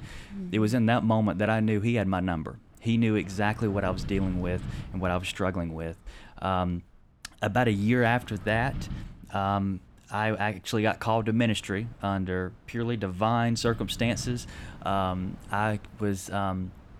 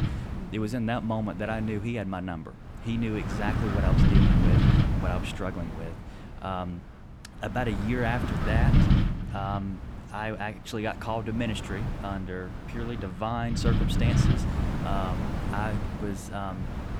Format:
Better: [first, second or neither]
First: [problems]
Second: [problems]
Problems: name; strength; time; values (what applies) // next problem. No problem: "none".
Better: first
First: wind noise on the microphone; occasional gusts; 25 dB below the speech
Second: wind noise on the microphone; heavy; 2 dB below the speech